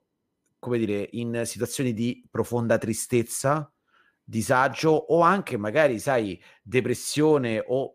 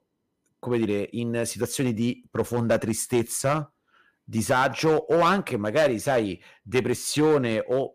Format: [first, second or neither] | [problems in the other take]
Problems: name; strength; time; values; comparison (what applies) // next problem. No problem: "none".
first | distortion; slight; 4% of the sound clipped